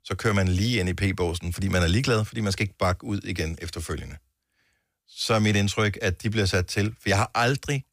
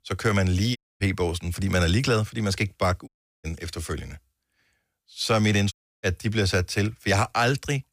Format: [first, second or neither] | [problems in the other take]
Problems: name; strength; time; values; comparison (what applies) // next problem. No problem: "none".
first | audio cutting out; at 1 s, at 3 s and at 5.5 s